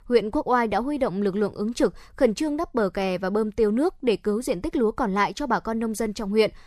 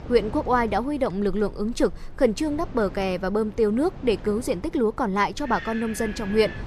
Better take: first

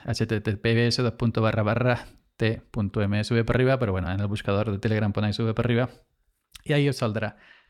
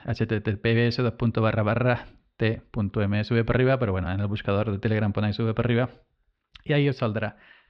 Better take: first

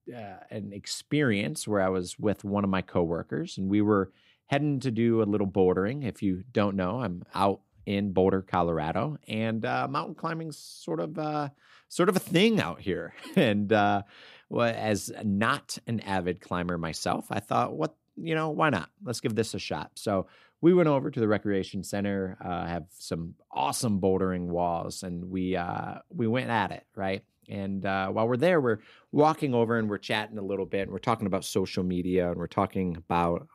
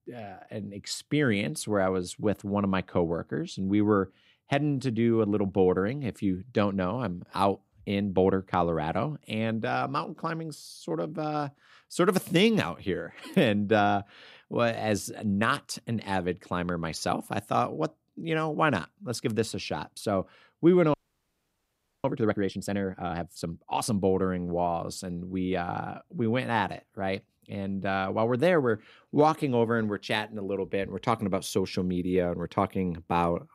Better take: first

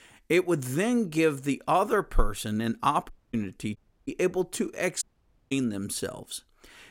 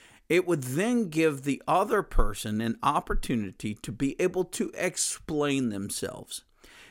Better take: second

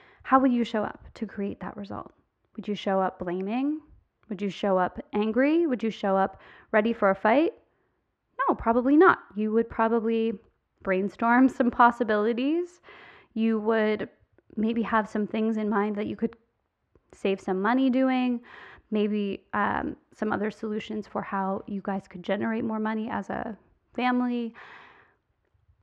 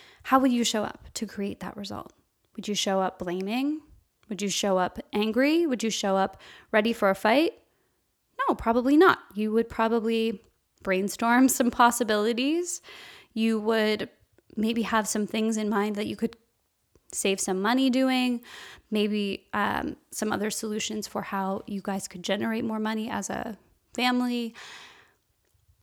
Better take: second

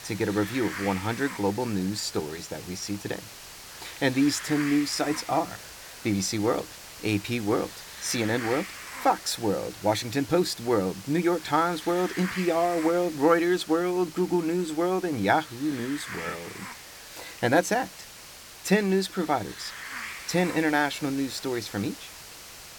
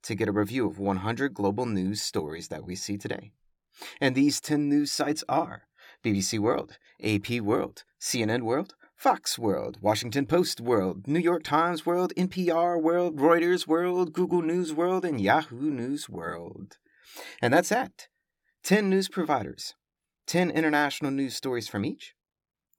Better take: second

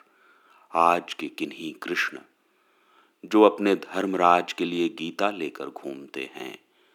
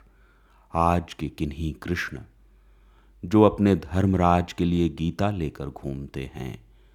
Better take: second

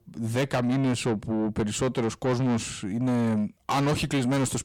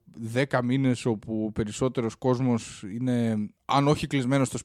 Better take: second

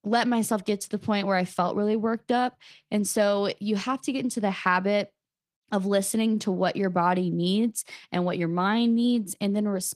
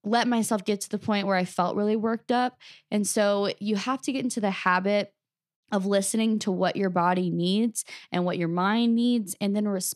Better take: second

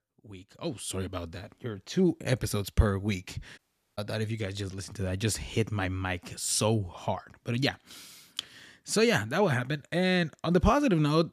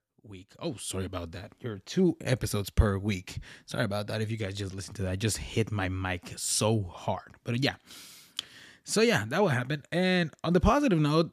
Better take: second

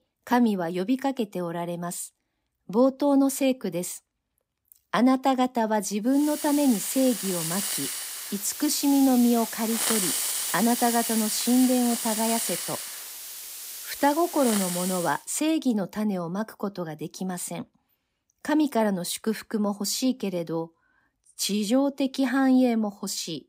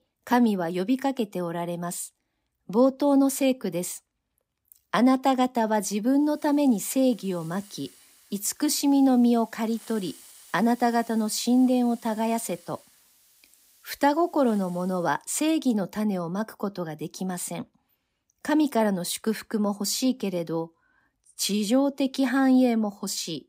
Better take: second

